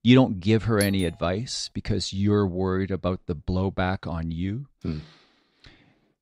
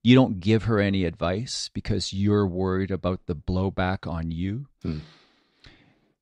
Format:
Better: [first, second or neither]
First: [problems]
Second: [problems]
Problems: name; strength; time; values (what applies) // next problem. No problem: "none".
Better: second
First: doorbell; noticeable; at 1 s; peak 8 dB below the speech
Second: none